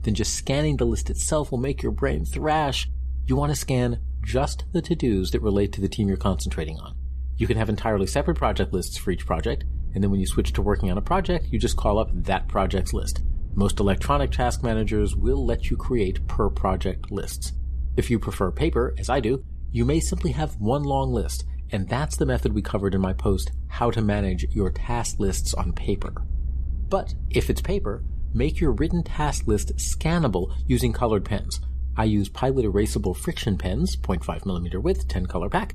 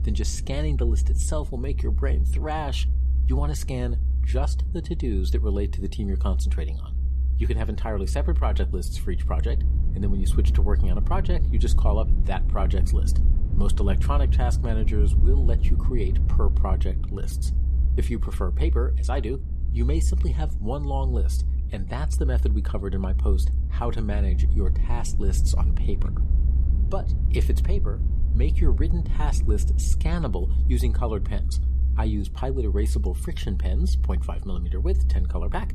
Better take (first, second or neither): first